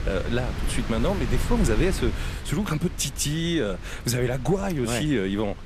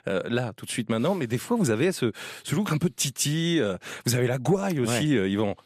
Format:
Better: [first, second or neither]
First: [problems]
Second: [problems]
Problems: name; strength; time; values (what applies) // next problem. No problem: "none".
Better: second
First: wind noise on the microphone; occasional gusts; 10 dB below the speech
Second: none